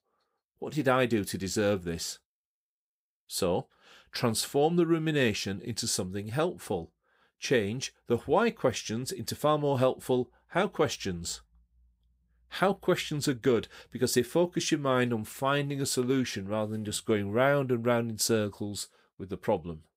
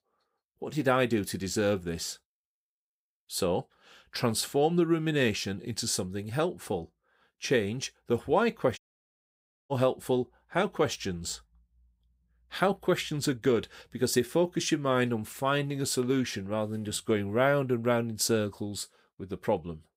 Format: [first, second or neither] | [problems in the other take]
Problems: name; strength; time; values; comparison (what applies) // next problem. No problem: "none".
first | audio cutting out; at 9 s for 1 s